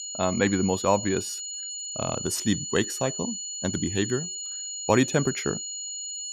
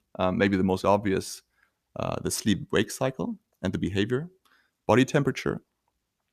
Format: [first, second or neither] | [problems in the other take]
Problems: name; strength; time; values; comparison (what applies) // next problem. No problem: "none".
second | high-pitched whine; loud; throughout; 7 kHz, 5 dB below the speech